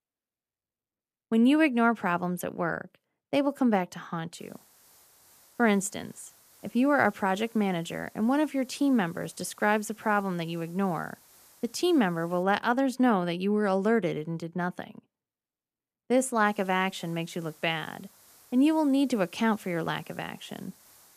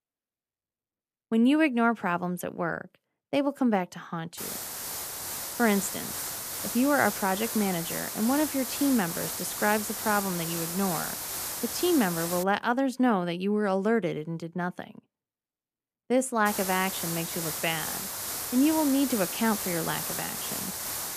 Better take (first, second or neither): first